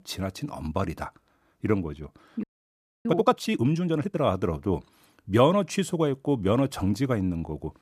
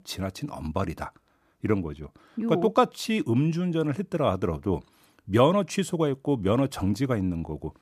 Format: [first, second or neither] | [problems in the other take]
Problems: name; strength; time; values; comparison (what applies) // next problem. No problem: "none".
second | audio freezing; at 2.5 s for 0.5 s